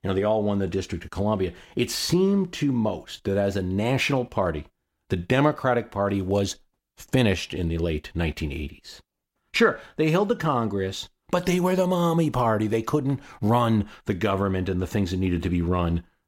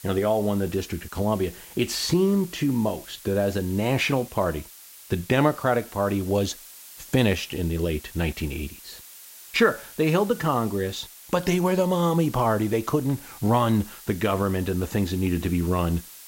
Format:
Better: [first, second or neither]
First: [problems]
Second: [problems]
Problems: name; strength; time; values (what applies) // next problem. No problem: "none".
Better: first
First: none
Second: hiss; noticeable; throughout; 20 dB below the speech